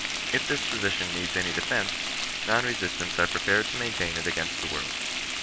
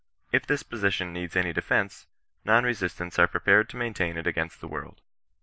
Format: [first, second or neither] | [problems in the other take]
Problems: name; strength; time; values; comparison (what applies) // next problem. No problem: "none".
second | background sound (Frying (food)); as loud as the speech